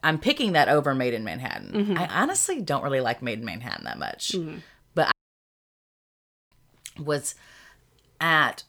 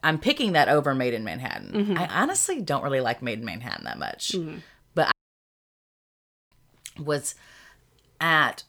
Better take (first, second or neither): neither